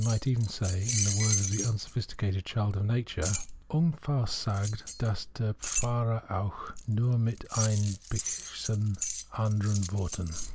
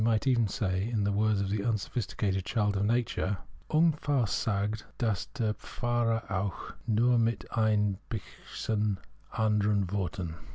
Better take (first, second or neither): second